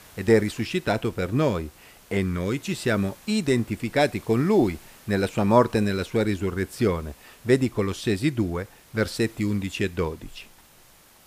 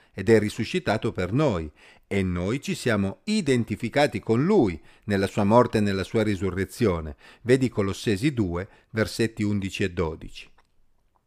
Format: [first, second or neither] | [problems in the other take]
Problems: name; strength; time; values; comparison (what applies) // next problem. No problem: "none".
second | hiss; faint; throughout; 25 dB below the speech